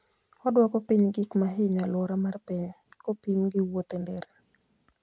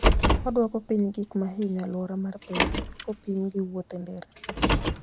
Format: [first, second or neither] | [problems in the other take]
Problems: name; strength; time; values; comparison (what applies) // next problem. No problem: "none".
first | background sound (Car); 2 dB above the speech